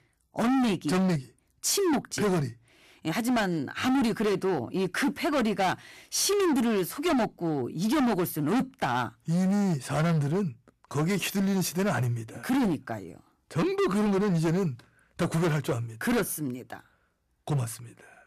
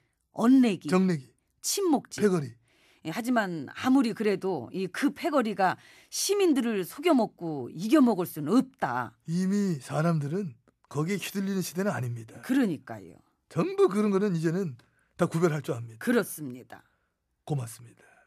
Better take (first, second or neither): second